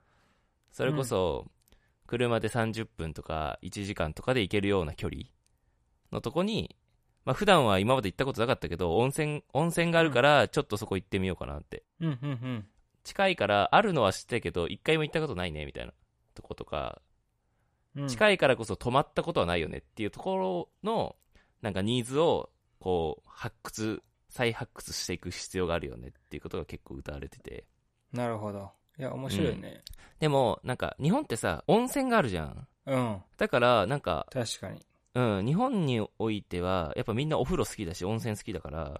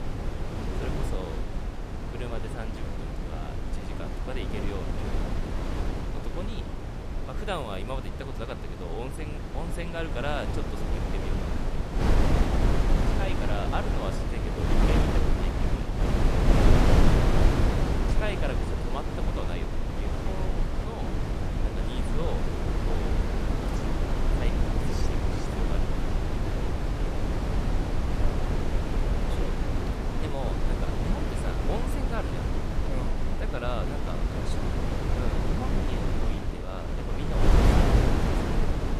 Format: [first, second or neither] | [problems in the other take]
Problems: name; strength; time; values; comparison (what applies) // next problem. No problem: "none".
first | wind noise on the microphone; heavy; 4 dB above the speech